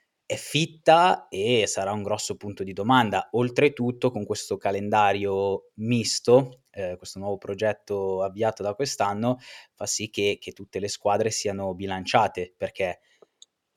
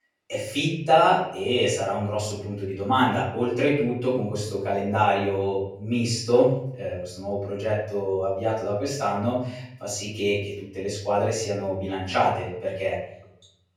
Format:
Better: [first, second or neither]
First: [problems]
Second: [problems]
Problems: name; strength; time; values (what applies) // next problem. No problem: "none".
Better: first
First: none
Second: off-mic speech; far // room echo; noticeable; dies away in 0.8 s